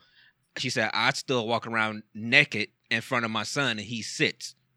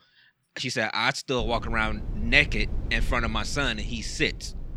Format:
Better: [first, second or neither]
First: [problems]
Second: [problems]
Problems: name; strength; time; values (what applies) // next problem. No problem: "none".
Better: first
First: none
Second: low rumble; faint; from 1.5 s on; 25 dB below the speech